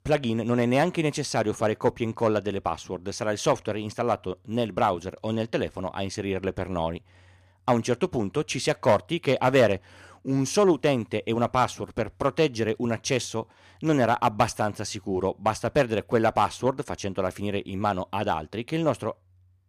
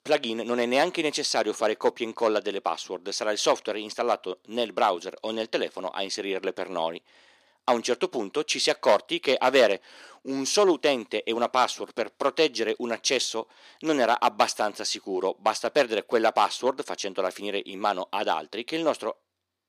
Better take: first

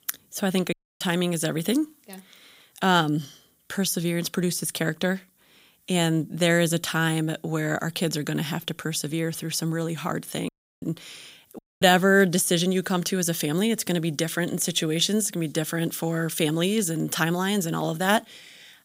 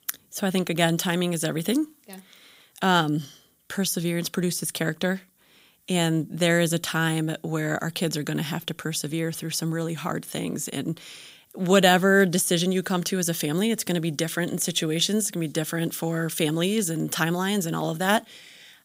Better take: second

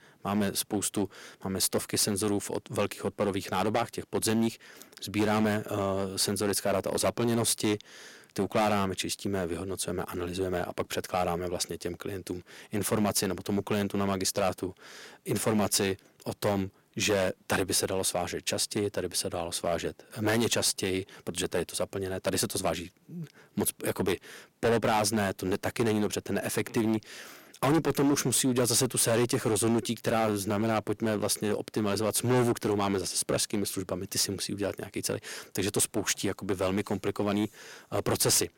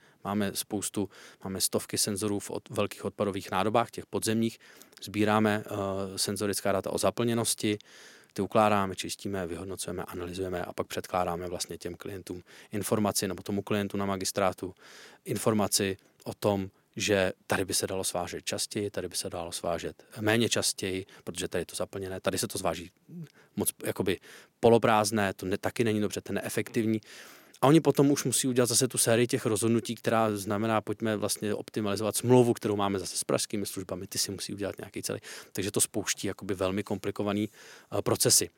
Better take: second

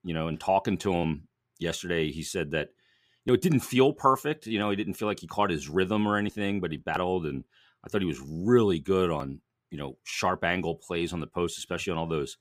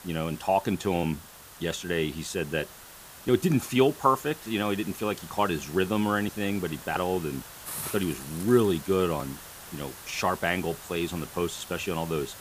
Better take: first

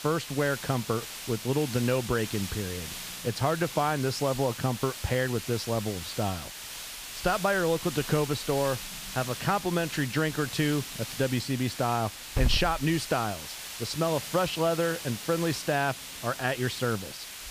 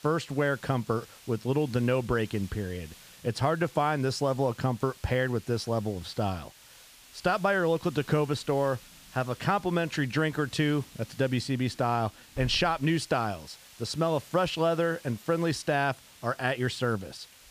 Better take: second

